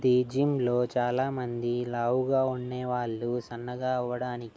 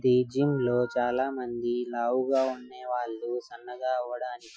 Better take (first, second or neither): first